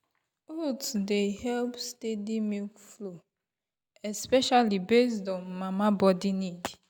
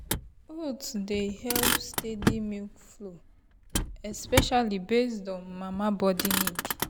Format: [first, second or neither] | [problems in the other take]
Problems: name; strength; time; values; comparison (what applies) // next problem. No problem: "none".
first | background sound (Motor vehicle (road)); 1 dB below the speech